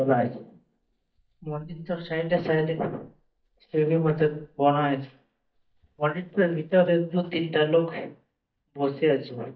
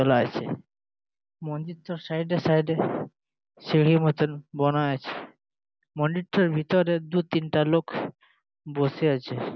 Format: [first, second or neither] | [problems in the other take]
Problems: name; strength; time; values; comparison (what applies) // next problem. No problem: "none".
second | noise reduction (neural mask model DeepFilterNet 3)